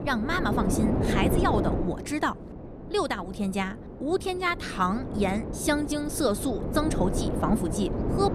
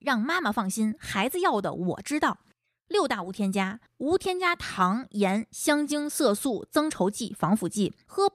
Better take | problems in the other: second | wind noise on the microphone; heavy; 5 dB below the speech

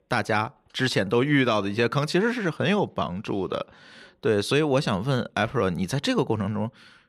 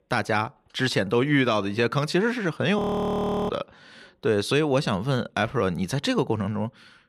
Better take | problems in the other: first | audio freezing; at 3 s for 0.5 s

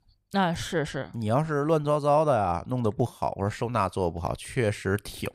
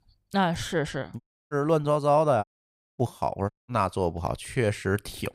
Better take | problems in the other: first | audio cutting out; at 1 s, at 2.5 s for 0.5 s and at 3.5 s

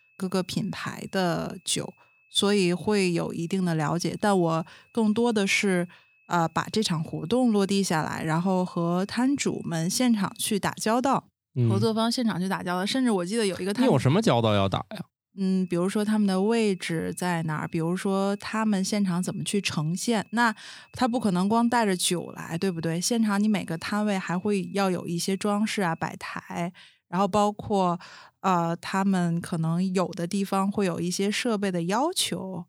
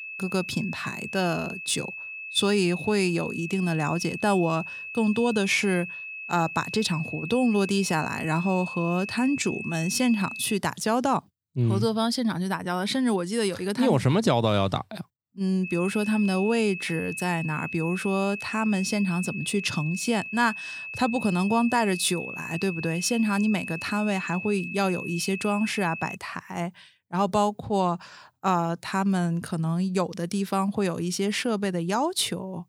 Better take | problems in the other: first | high-pitched whine; loud; until 11 s and from 16 to 26 s; 2.5 kHz, 8 dB below the speech; faint in the first

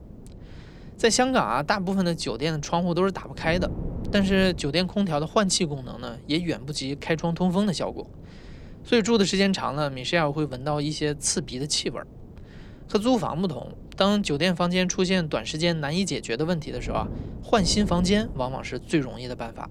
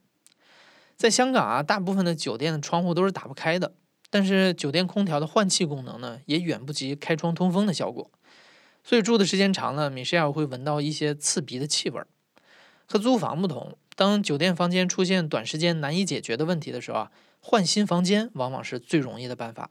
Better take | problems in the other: second | wind noise on the microphone; occasional gusts; 20 dB below the speech

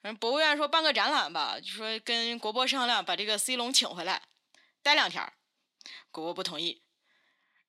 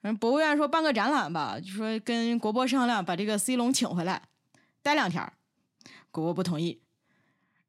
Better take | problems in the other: second | thin; somewhat; fading below 450 Hz

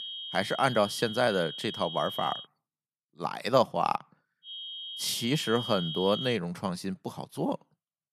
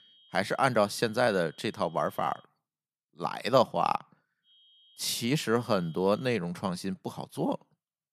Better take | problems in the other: second | high-pitched whine; loud; until 2.5 s and from 4.5 to 6.5 s; 3 kHz, 7 dB below the speech; faint in the second

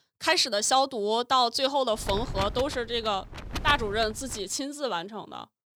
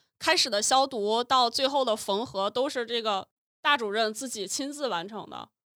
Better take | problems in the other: second | wind noise on the microphone; occasional gusts; from 2 to 4.5 s; 15 dB below the speech

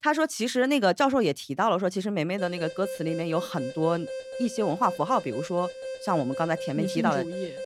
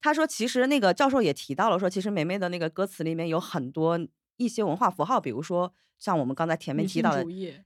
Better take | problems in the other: second | alarm; noticeable; from 2.5 s on; peak 9 dB below the speech

